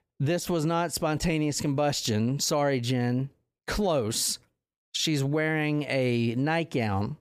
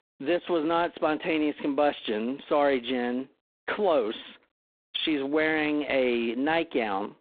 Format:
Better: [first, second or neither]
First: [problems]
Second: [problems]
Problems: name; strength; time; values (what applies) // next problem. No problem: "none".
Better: first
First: none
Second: phone-call audio; poor line; nothing above 3.5 kHz